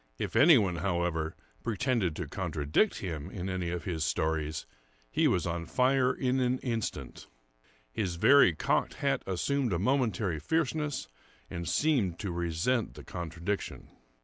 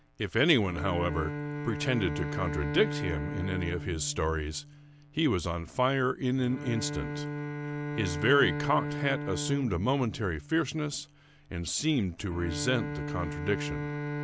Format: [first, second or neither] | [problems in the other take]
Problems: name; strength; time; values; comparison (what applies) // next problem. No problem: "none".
first | background sound (Bowed string instrument); 6 dB below the speech